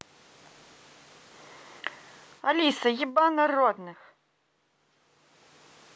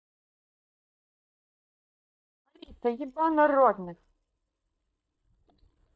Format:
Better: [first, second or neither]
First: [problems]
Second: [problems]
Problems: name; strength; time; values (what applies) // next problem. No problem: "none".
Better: first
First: none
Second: noise reduction (neural mask model DeepFilterNet 3)